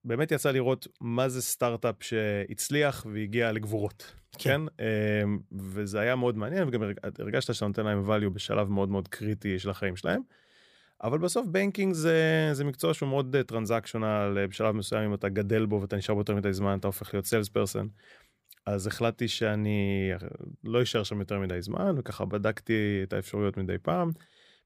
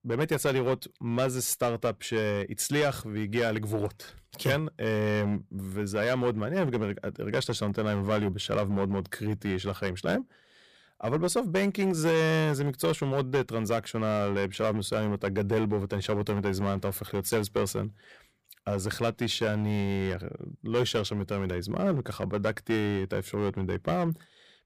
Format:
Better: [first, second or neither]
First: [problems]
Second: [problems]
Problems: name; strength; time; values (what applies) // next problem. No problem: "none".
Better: first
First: none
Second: distortion; slight; 6% of the sound clipped